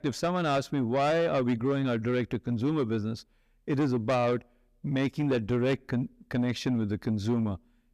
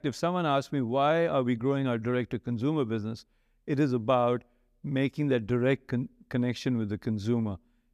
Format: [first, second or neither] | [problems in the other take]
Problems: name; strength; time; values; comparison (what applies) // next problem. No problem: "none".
second | distortion; slight; 10 dB below the speech